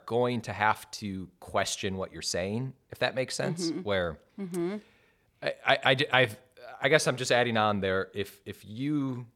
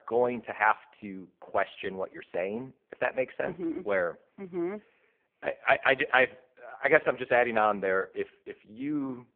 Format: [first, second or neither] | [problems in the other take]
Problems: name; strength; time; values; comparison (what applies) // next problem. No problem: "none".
first | phone-call audio; poor line